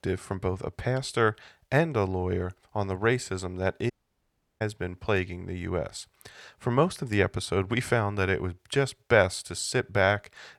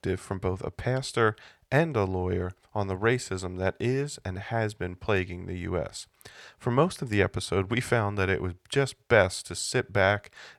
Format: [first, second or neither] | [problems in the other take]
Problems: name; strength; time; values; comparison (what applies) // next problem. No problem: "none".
second | audio cutting out; at 4 s for 0.5 s